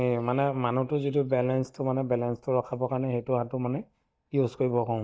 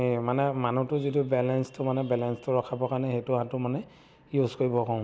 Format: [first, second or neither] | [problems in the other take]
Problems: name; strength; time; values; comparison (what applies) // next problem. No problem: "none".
second | noise reduction (neural mask model DeepFilterNet 3)